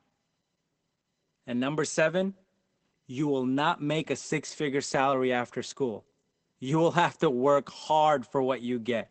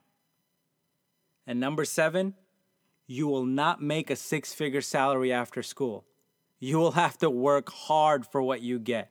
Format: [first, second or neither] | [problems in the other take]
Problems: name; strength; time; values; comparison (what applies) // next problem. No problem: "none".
second | garbled, watery; badly; nothing above 8 kHz